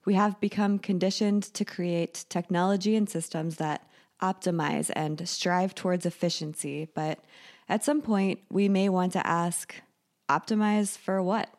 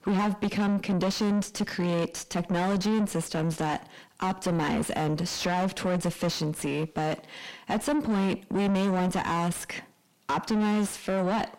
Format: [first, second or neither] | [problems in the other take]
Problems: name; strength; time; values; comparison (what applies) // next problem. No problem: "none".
first | distortion; heavy; 7 dB below the speech